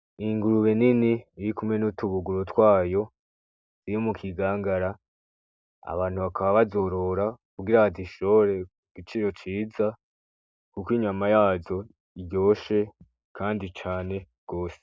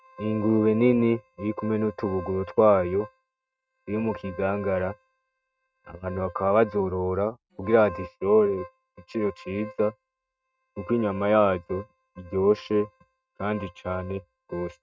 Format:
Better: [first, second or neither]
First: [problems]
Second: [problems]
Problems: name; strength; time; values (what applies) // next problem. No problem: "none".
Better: first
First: none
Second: noise reduction (neural mask model RNNoise)